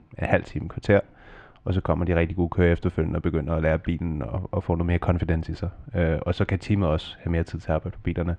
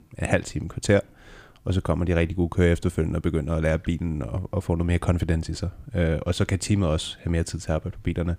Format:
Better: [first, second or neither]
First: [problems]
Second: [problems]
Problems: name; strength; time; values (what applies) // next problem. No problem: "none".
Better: second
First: muffled; slightly; fading above 2.5 kHz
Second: none